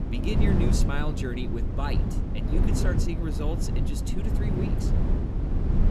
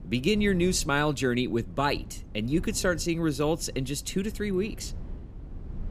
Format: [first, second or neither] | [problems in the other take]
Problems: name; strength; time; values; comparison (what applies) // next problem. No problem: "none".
second | low rumble; loud; throughout; as loud as the speech; faint in the second